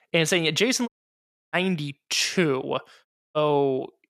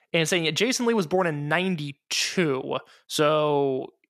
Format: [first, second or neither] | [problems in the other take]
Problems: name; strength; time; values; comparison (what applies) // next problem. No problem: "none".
second | audio cutting out; at 1 s for 0.5 s and at 3 s